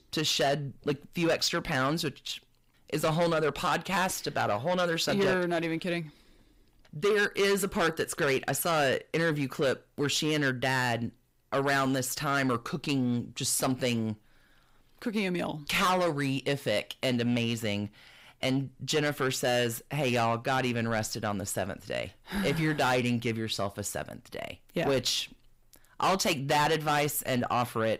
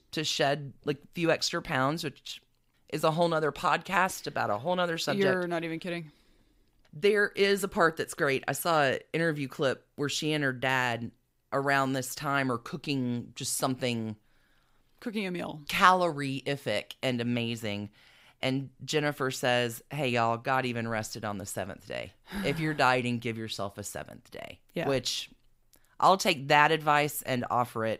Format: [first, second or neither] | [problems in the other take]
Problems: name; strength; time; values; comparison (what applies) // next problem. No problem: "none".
second | distortion; heavy; 7 dB below the speech